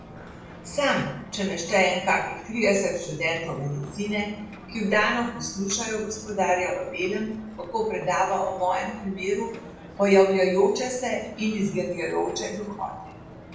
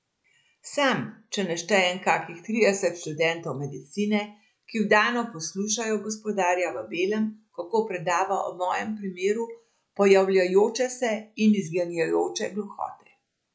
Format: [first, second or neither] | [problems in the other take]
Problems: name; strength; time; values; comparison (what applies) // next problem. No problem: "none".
second | background sound (Ocean); 17 dB below the speech // room echo; dies away in 0.6 s